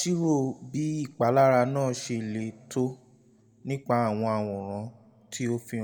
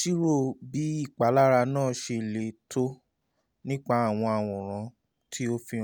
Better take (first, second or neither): second